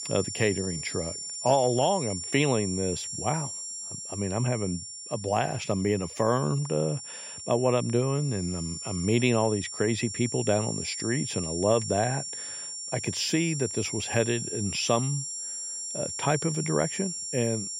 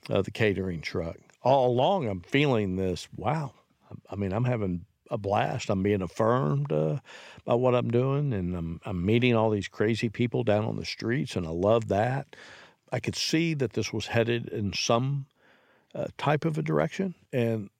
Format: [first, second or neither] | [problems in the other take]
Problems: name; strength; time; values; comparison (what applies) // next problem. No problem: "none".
second | high-pitched whine; loud; throughout; 7.5 kHz, 6 dB below the speech